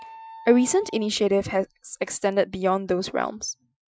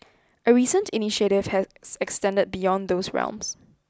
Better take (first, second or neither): second